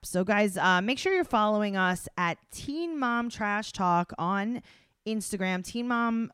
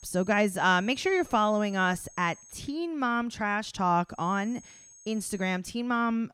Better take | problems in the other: first | high-pitched whine; faint; until 2.5 s and from 4 to 5.5 s; 6.5 kHz, 25 dB below the speech

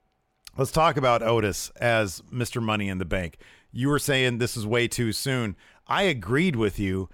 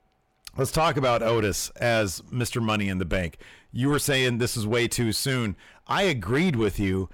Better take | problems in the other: first | distortion; slight; 10 dB below the speech

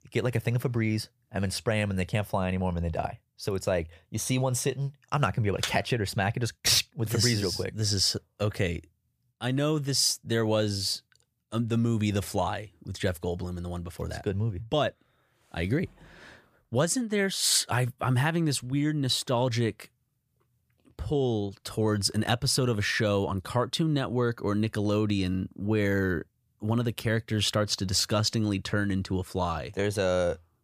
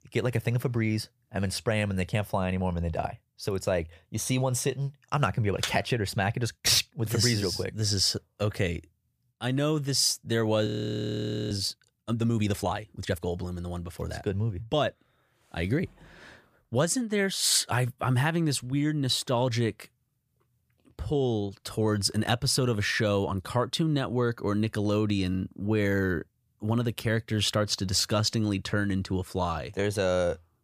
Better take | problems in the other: first | audio freezing; at 11 s for 1 s

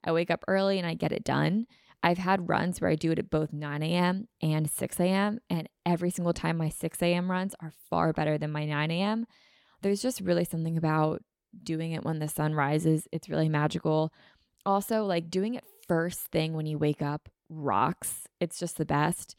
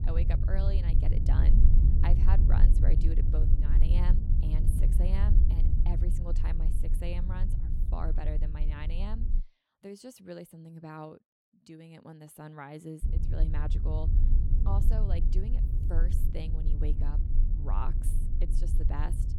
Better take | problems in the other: first | low rumble; loud; until 9.5 s and from 13 s on; 2 dB below the speech

